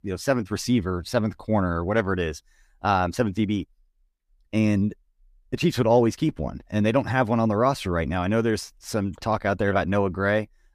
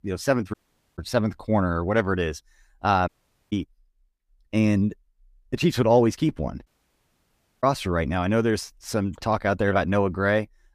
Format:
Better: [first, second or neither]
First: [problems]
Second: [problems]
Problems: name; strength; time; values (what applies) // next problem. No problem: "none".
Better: first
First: none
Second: audio cutting out; at 0.5 s, at 3 s and at 6.5 s for 1 s